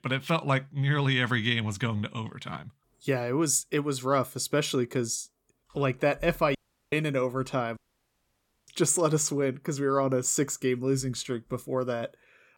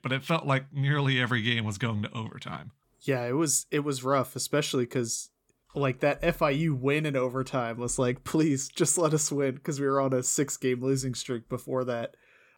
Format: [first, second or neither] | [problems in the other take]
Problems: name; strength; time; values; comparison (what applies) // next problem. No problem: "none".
second | audio cutting out; at 6.5 s and at 8 s for 1 s